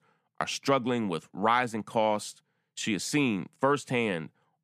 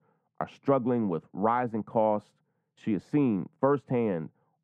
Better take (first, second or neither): first